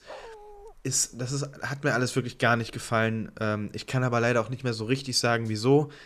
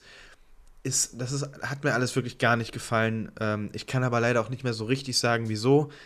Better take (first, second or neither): second